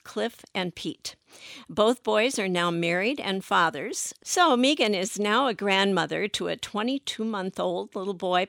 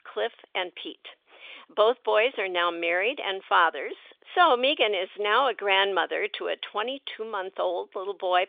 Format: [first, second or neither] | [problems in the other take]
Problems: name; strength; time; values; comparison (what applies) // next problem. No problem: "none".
first | phone-call audio; nothing above 3 kHz